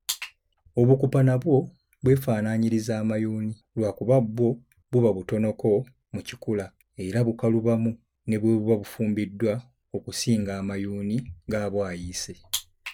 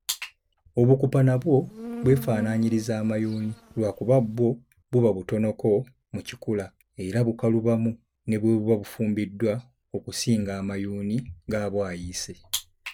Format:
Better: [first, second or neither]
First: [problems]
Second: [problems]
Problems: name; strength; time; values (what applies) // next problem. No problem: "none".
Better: first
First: none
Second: background sound (Insect); 14 dB below the speech